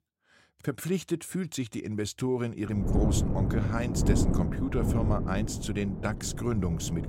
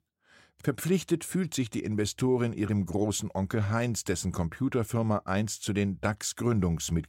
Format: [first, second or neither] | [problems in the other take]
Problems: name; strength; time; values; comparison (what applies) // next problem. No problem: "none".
second | wind noise on the microphone; heavy; from 2.5 s on; 3 dB below the speech